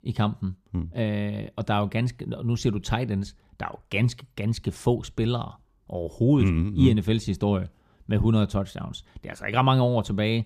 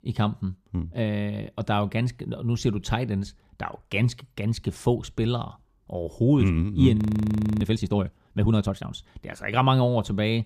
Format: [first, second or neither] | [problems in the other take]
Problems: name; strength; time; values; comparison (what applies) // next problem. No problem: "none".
first | audio freezing; at 7 s for 0.5 s